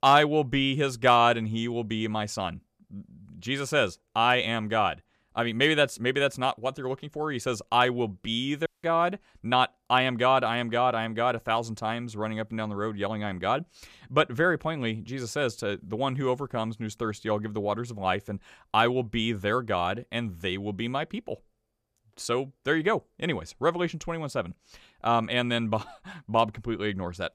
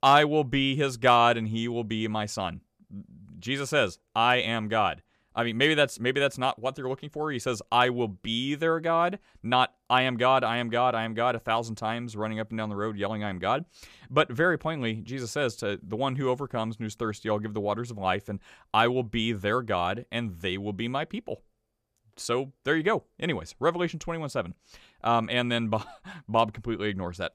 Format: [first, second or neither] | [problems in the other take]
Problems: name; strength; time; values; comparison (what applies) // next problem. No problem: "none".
second | audio cutting out; at 8.5 s